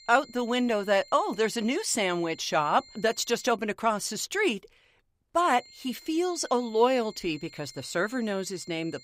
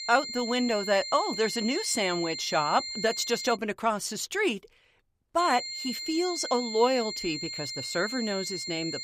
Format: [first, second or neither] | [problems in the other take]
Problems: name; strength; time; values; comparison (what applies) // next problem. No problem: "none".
first | high-pitched whine; loud; until 3.5 s and from 5.5 s on; 4 kHz, 6 dB below the speech; faint in the first